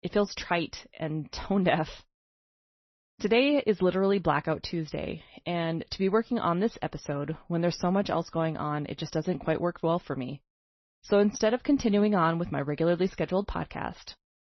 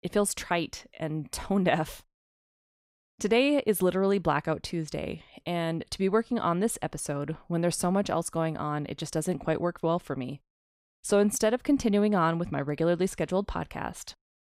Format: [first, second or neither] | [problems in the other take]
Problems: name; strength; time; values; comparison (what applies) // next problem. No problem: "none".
second | garbled, watery; slightly; nothing above 6 kHz